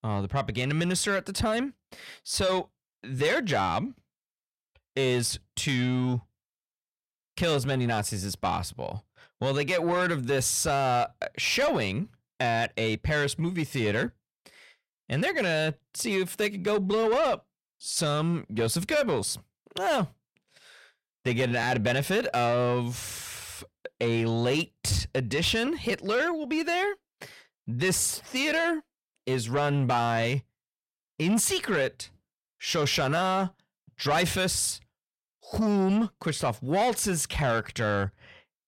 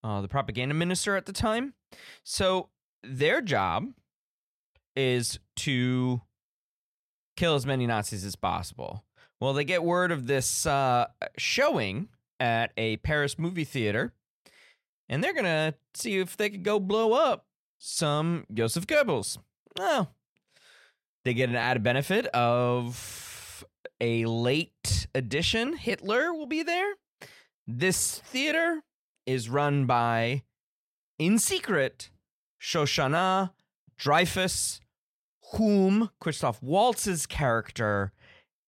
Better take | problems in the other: second | distortion; slight; 10 dB below the speech

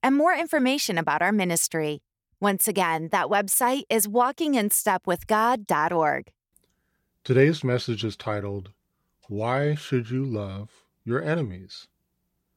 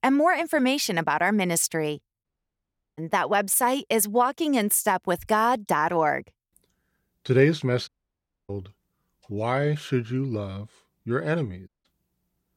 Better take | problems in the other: first | audio cutting out; at 2 s for 0.5 s, at 8 s for 0.5 s and at 12 s

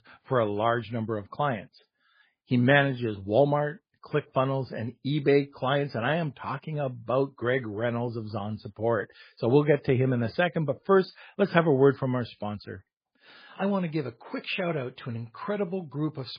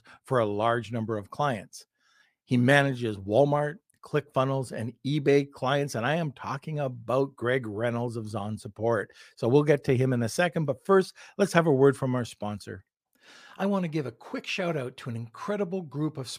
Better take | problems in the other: second | garbled, watery; badly; nothing above 4 kHz

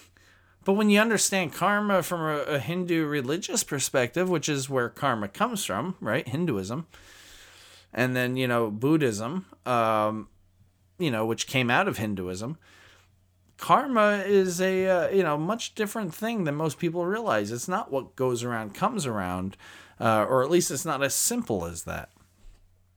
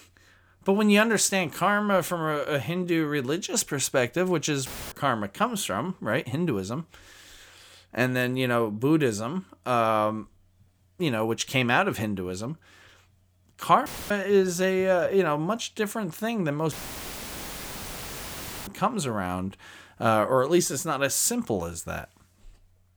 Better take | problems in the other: first | audio cutting out; filled with static; at 4.5 s, at 14 s and at 17 s for 2 s

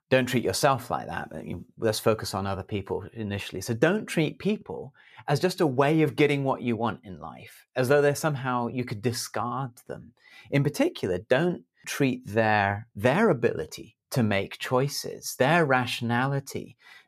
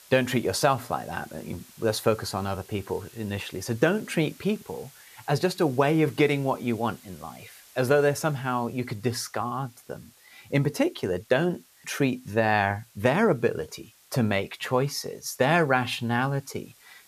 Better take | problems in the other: first | hiss; faint; throughout; 25 dB below the speech

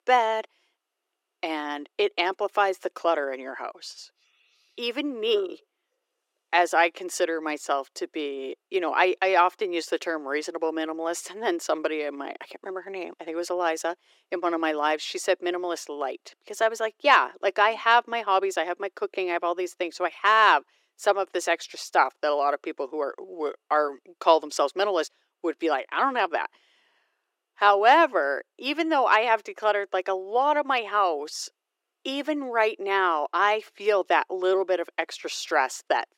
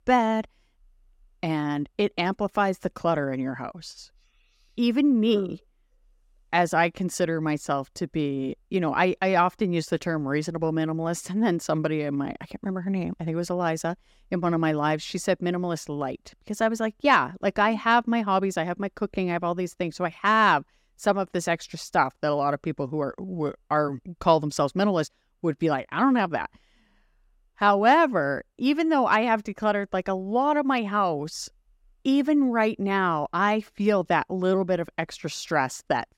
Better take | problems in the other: second | thin; very; fading below 350 Hz

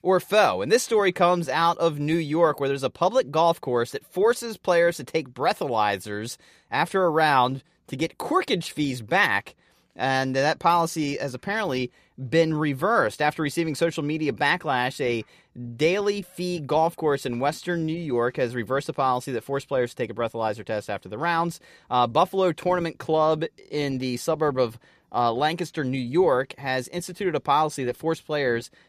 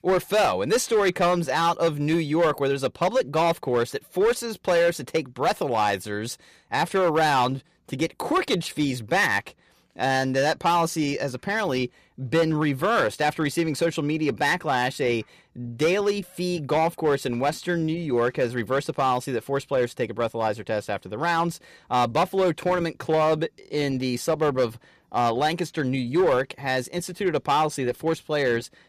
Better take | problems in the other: first | distortion; slight; 6% of the sound clipped

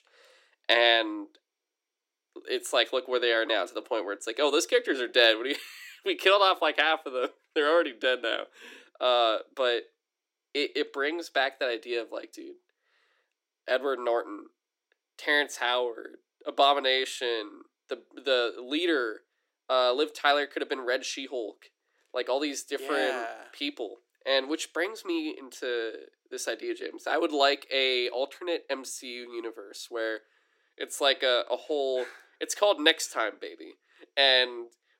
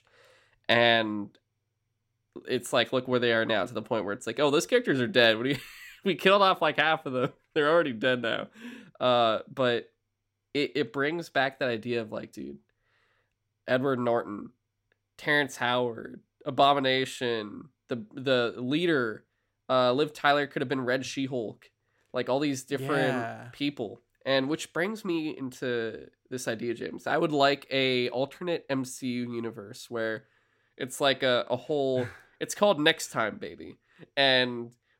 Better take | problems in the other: second | thin; somewhat; fading below 300 Hz

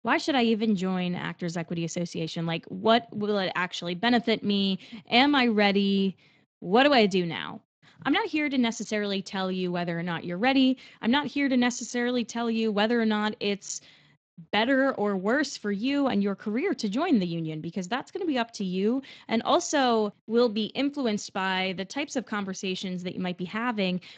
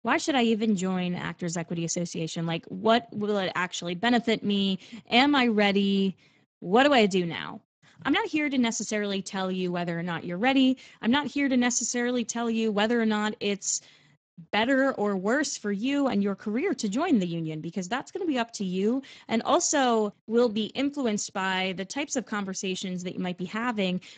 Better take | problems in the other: first | garbled, watery; badly; nothing above 7.5 kHz; slightly in the first

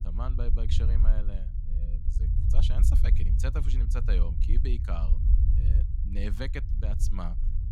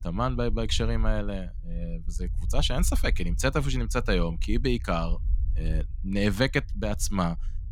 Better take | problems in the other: second | low rumble; loud; throughout; 5 dB below the speech; faint in the second

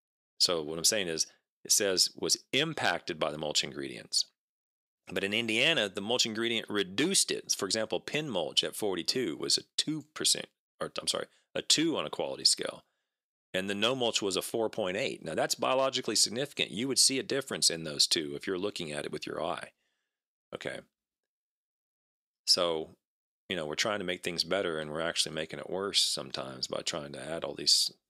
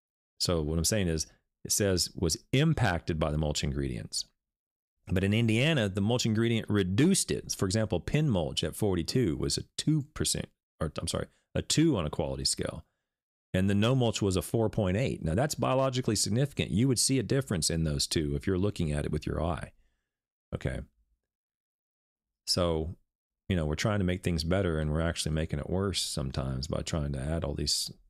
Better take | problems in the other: second | thin; somewhat; fading below 350 Hz

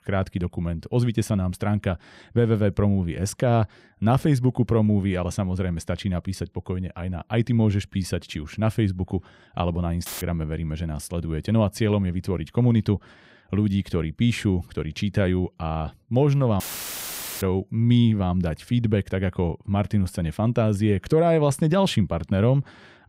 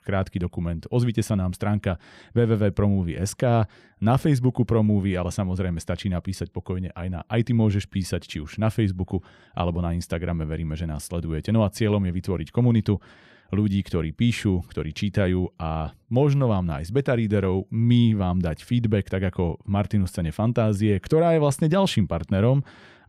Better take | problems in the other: second | audio cutting out; filled with static; at 10 s and at 17 s for 1 s

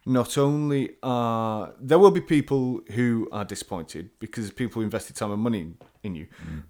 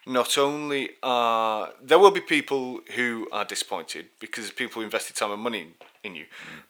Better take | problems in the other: first | thin; somewhat; fading below 550 Hz

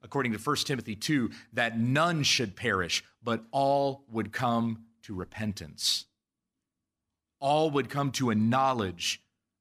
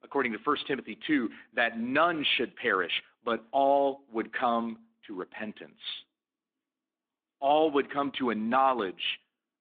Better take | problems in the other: first | phone-call audio; nothing above 3.5 kHz

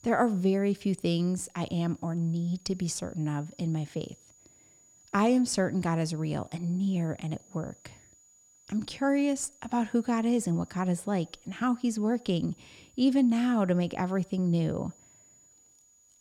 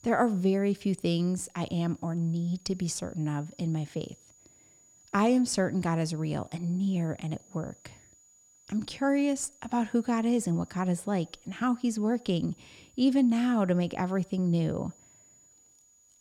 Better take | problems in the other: neither | high-pitched whine; faint; throughout; 7 kHz, 30 dB below the speech; the same in both

